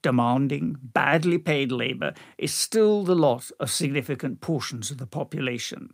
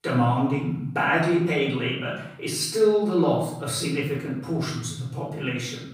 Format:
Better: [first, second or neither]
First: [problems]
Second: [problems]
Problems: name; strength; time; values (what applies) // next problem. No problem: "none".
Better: first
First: none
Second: off-mic speech; far // room echo; noticeable; dies away in 0.7 s